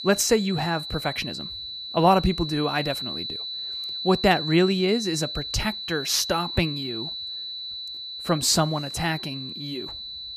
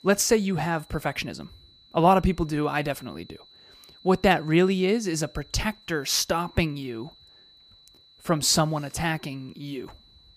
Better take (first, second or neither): second